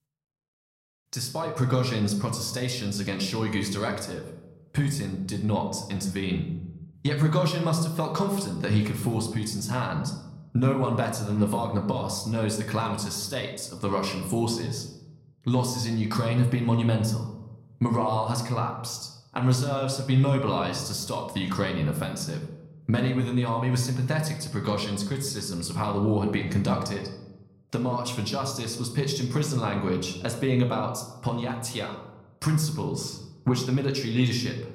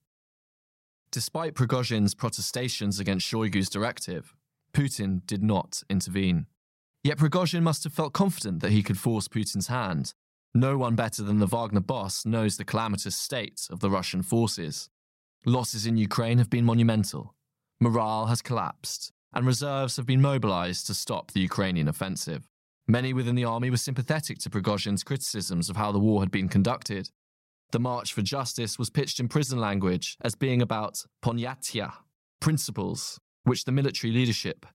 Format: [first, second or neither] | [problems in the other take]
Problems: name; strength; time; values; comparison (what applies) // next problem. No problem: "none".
second | room echo; slight; dies away in 0.7 s